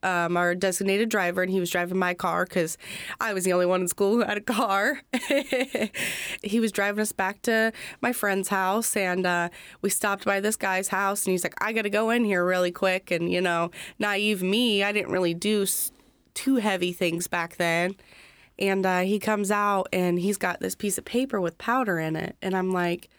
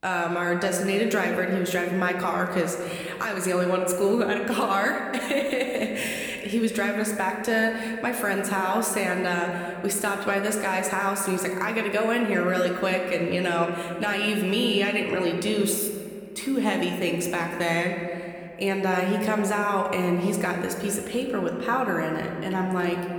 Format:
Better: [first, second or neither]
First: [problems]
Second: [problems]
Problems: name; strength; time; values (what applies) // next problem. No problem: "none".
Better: first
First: none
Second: room echo; slight; dies away in 2.1 s